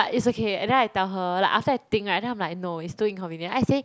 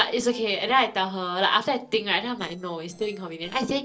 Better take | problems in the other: first | noise reduction (neural separator model SepFormer DNS4)

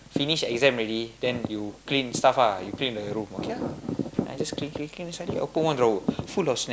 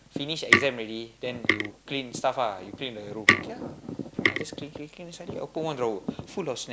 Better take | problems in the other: first | background sound (Tick); 4 dB above the speech

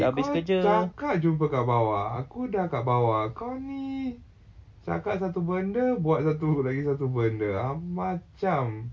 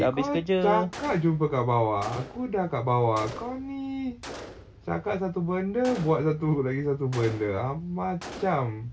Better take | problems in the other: first | background sound (Gunshot, gunfire); 18 dB below the speech

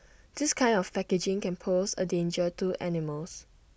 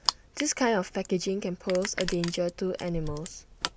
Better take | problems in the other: first | background sound (Crushing); 7 dB below the speech

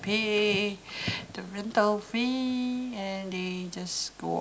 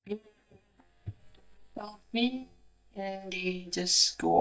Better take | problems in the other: first | noise reduction (neural mask model DeepFilterNet 3)

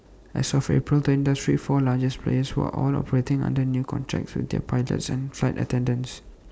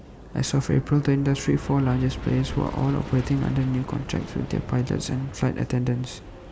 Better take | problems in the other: first | background sound (Aircraft); 13 dB below the speech

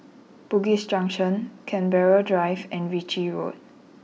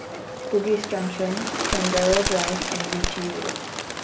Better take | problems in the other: first | background sound (Bird); 2 dB below the speech // room echo; dies away in 0.3 s

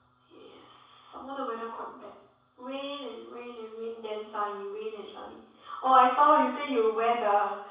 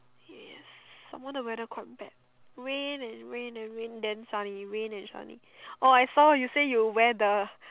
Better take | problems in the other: second | room echo; dies away in 0.7 s

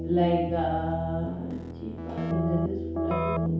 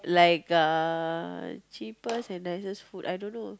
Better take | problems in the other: second | background sound (Keyboard (musical)); as loud as the speech // room echo; dies away in 0.8 s

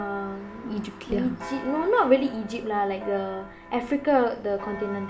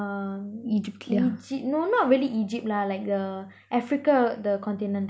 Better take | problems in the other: second | background sound (Church bell); 15 dB below the speech // room echo; dies away in 2.2 s

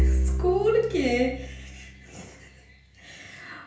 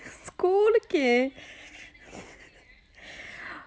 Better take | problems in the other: second | background sound (Bowed string instrument); 1 dB below the speech // room echo; dies away in 0.5 s

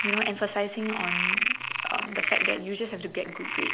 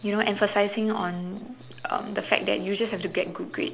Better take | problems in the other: second | background sound (Frog); 2 dB above the speech

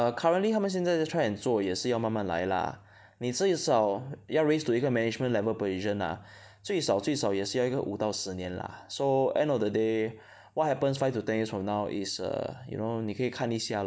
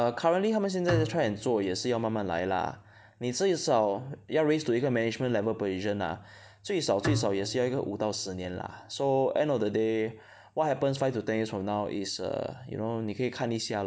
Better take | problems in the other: first | background sound (Bowed string instrument); 11 dB below the speech

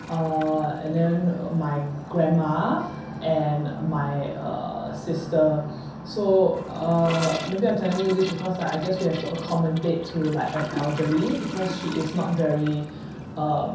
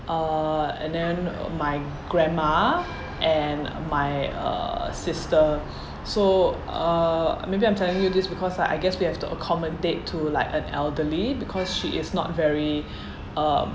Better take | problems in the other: second | background sound (Toilet flush / Gurgling); 15 dB below the speech // room echo; dies away in 0.6 s

